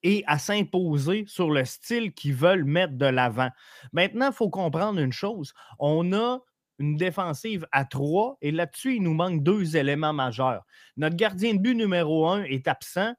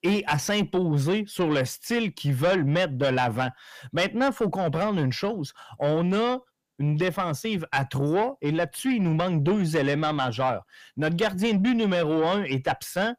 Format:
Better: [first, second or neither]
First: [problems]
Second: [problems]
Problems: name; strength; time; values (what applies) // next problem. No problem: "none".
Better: first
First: none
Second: distortion; slight; 9 dB below the speech